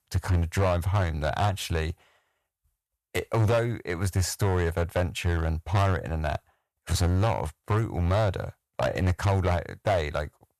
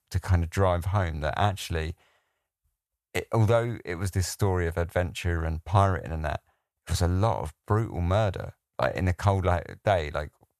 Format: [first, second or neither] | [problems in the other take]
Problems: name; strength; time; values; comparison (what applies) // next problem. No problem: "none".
second | distortion; slight; 8% of the sound clipped